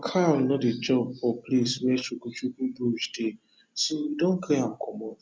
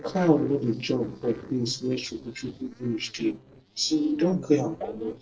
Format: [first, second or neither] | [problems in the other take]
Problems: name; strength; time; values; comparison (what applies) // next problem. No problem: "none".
first | noise reduction (neural separator model SepFormer DNS4)